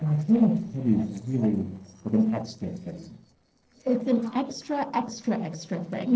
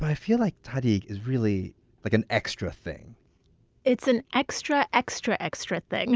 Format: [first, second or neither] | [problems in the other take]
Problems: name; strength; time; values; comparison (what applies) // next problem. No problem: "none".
second | noise reduction (neural separator model SepFormer DNS4)